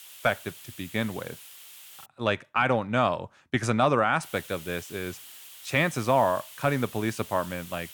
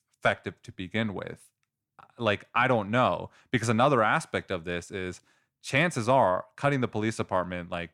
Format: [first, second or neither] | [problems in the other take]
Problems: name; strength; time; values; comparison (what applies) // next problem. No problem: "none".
second | hiss; noticeable; until 2 s and from 4 s on; 15 dB below the speech